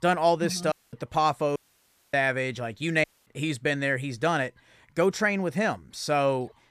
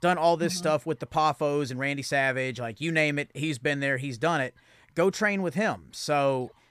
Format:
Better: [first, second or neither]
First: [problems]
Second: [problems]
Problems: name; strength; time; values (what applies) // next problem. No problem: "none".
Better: second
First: audio cutting out; at 0.5 s, at 1.5 s for 0.5 s and at 3 s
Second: none